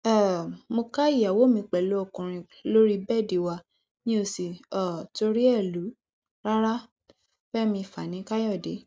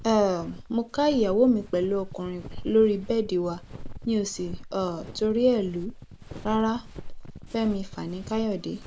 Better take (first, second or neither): first